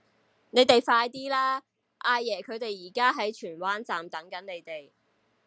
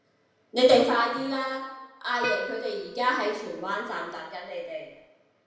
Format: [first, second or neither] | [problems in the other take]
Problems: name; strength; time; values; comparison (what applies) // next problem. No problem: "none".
first | background sound (Plucked string instrument); 12 dB below the speech // room echo; dies away in 0.8 s